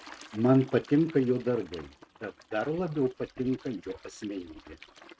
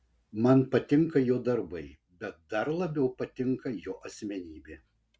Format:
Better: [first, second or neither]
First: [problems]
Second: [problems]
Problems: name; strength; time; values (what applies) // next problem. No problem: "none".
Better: second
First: noise reduction (neural mask model RNNoise)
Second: none